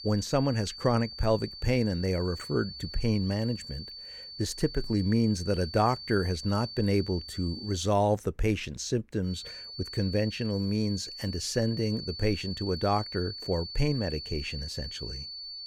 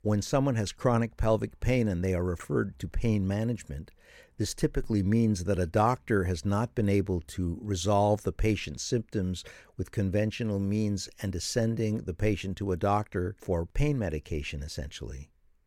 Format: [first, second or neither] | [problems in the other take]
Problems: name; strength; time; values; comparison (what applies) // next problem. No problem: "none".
second | high-pitched whine; loud; until 8 s and from 9.5 s on; 4.5 kHz, 10 dB below the speech